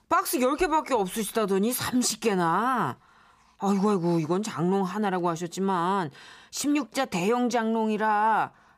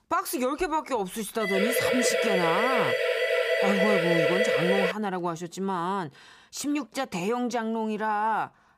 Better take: first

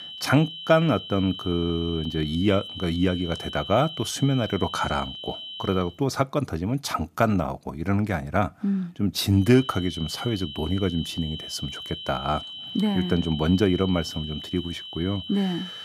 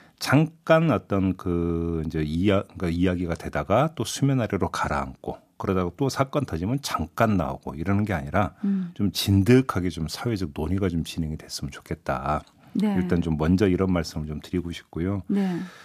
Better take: second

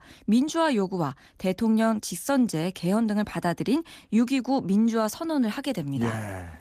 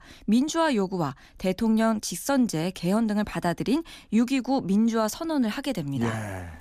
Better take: second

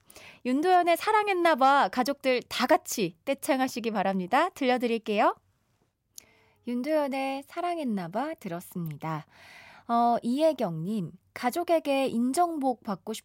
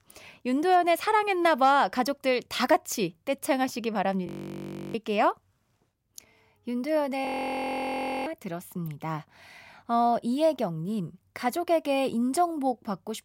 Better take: first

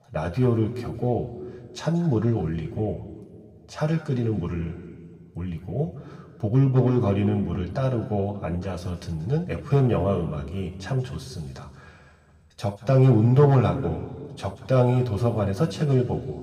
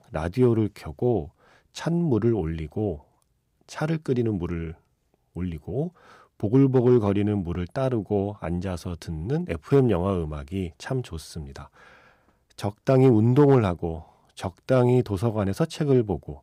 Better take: second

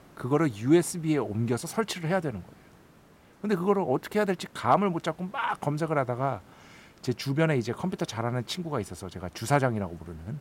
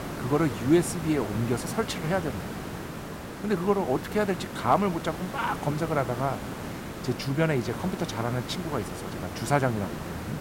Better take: first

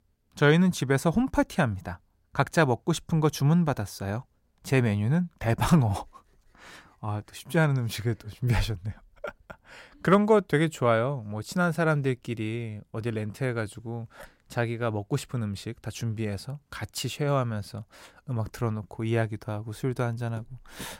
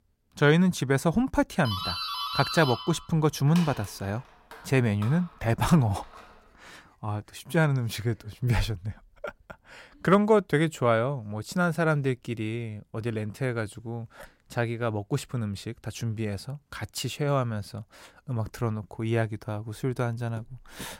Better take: first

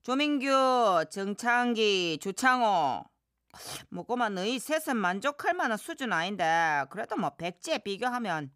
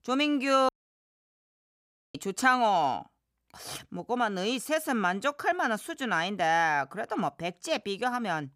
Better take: first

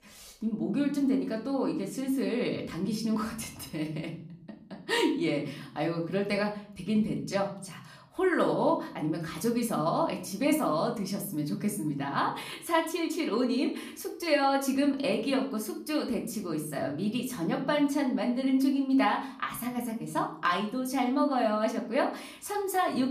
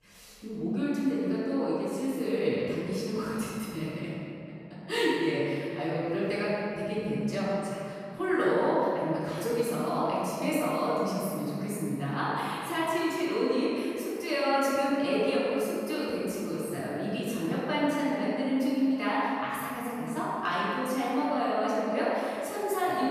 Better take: first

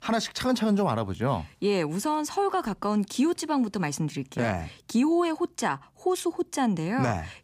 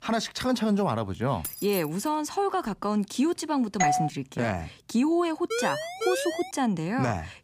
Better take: first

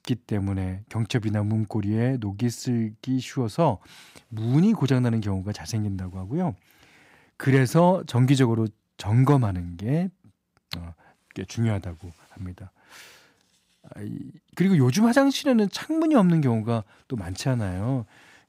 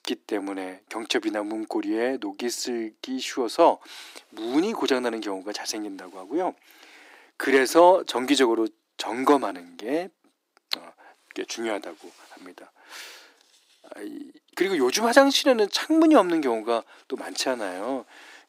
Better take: first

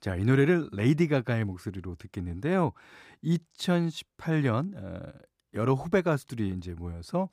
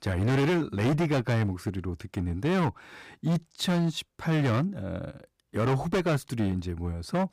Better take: first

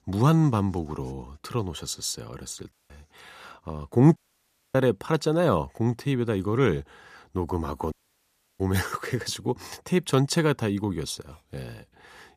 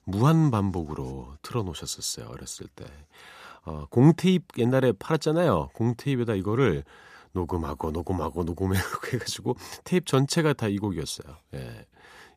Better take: second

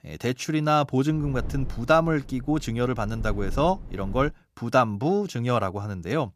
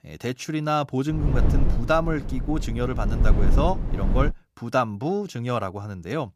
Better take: first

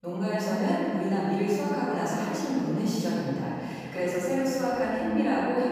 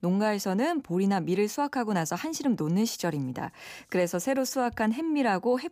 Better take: second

